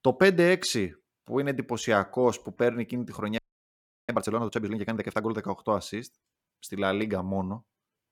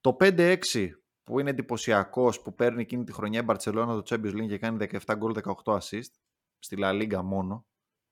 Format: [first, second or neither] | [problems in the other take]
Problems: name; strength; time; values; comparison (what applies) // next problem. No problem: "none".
second | audio freezing; at 3.5 s for 0.5 s